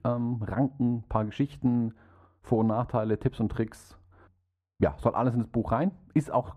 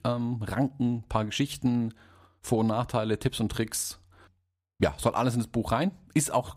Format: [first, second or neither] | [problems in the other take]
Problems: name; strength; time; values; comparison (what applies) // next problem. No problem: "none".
second | muffled; very; fading above 2.5 kHz